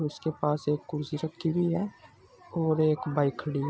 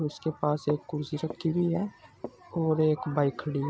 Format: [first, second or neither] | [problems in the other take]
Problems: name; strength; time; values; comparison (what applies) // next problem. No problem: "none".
first | background sound (Walk, footsteps); 19 dB below the speech